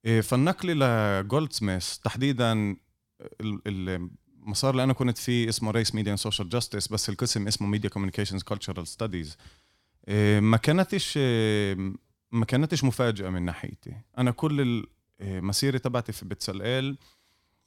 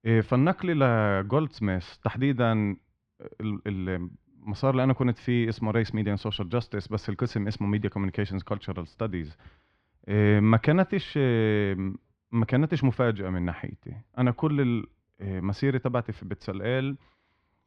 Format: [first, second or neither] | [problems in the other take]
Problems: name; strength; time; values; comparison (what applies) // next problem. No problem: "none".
first | muffled; very; fading above 2.5 kHz